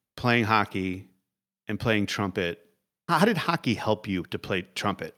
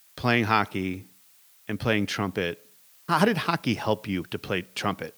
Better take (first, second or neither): first